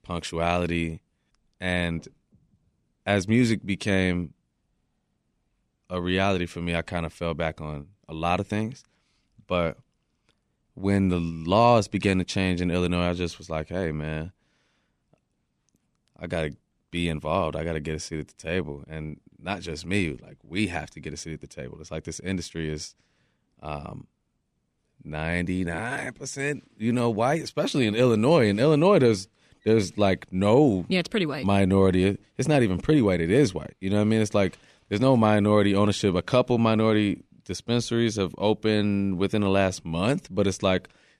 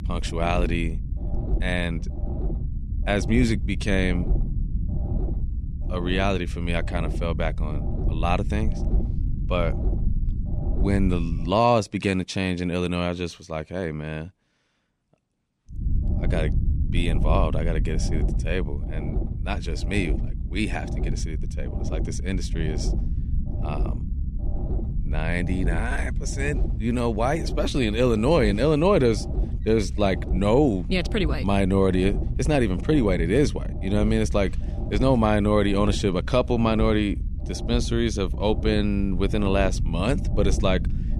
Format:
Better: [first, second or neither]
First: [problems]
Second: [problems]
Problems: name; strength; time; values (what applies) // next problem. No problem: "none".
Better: first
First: none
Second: low rumble; noticeable; until 11 s and from 16 s on; 15 dB below the speech